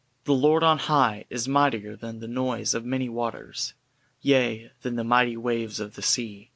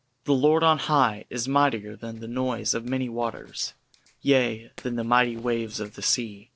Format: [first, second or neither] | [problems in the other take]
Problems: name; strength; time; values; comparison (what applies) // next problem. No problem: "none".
first | noise reduction (neural separator model SepFormer DNS4)